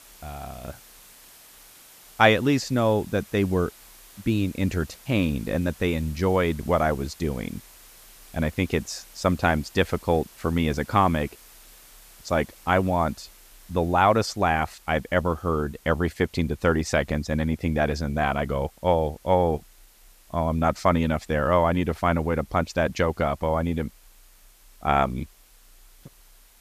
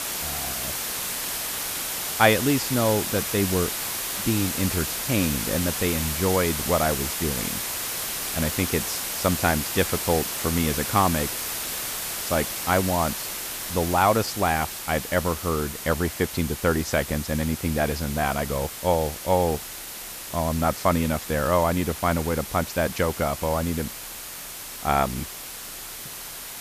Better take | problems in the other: first | hiss; loud; throughout; 4 dB below the speech; faint in the first

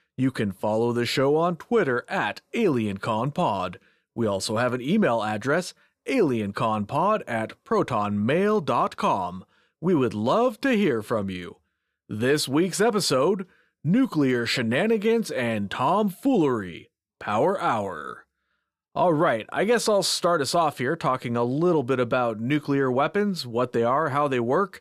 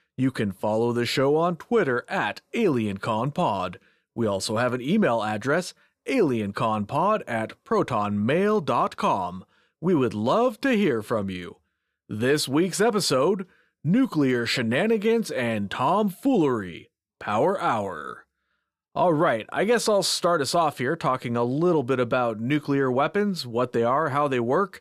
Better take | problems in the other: neither | none

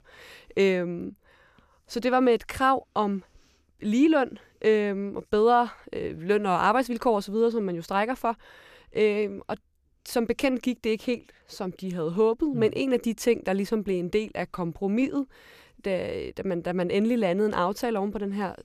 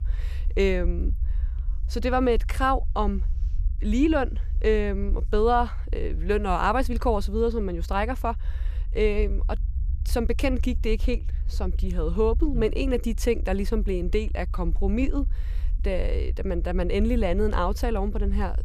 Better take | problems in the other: first | low rumble; faint; throughout; 25 dB below the speech

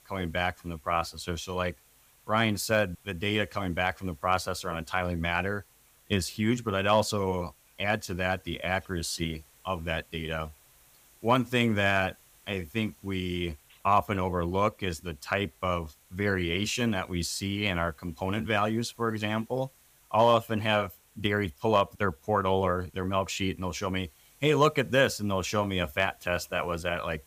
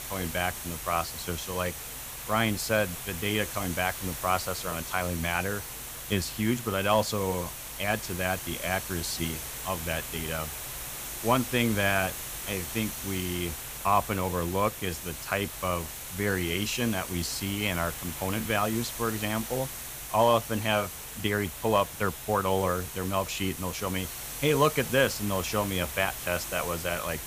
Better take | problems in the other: first | hiss; loud; throughout; 7 dB below the speech; faint in the first

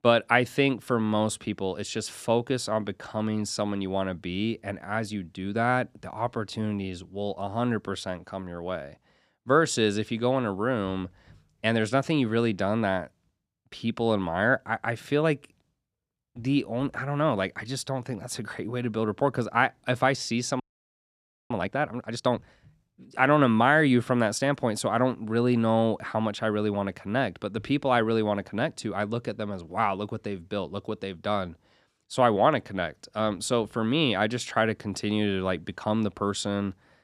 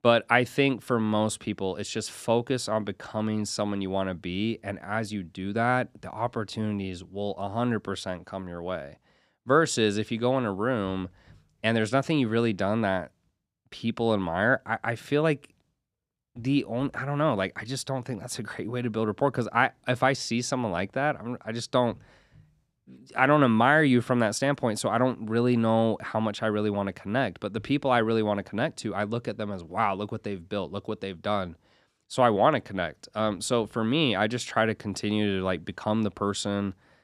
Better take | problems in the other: second | audio freezing; at 21 s for 1 s

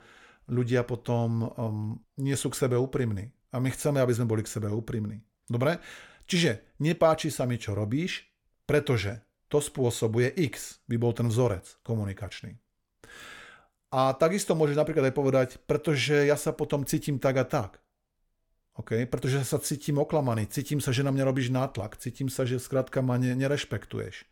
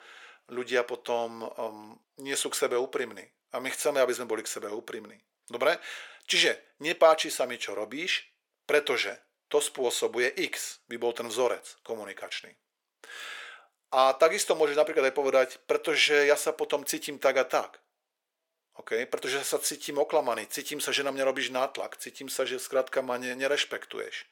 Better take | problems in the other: first | thin; very; fading below 450 Hz

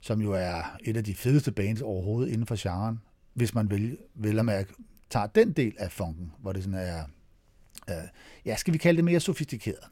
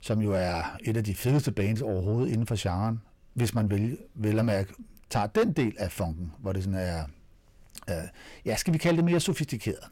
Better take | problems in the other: first | distortion; slight; 10 dB below the speech

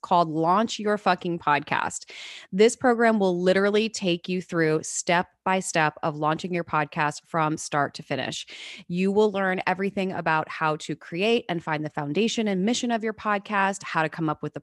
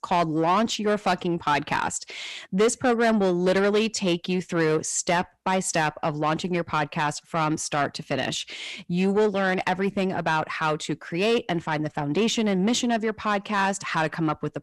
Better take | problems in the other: first | distortion; slight; 10 dB below the speech

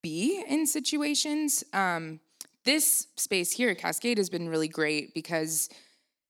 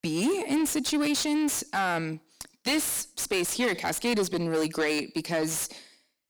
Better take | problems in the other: first | distortion; heavy; 6 dB below the speech

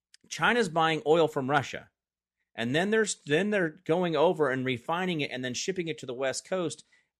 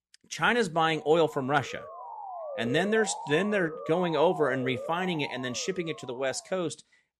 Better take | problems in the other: first | siren; noticeable; from 1 to 6.5 s; peak 8 dB below the speech

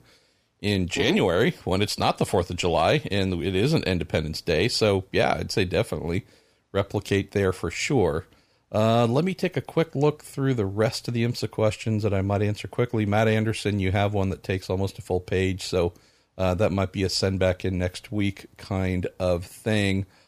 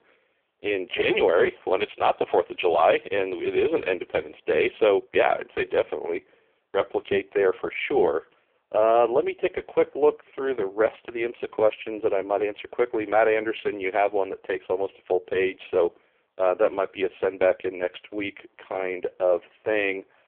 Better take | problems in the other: first | phone-call audio; poor line; nothing above 3.5 kHz

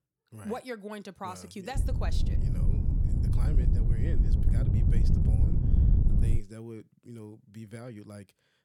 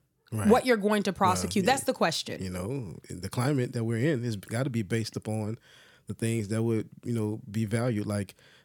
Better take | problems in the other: second | wind noise on the microphone; heavy; from 2 to 6.5 s; 1 dB above the speech

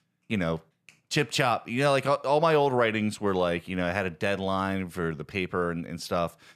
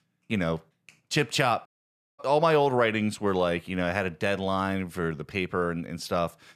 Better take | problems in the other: first | audio cutting out; at 1.5 s for 0.5 s

